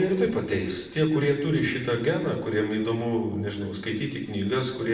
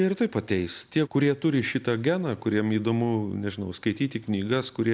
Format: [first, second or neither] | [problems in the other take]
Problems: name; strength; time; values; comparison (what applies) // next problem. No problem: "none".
second | noise reduction (neural separator model SepFormer DNS4)